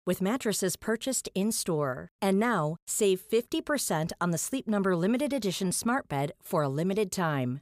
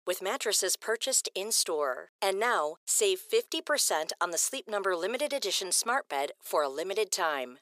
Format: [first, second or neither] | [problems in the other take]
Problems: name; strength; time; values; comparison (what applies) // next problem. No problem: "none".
first | thin; very; fading below 400 Hz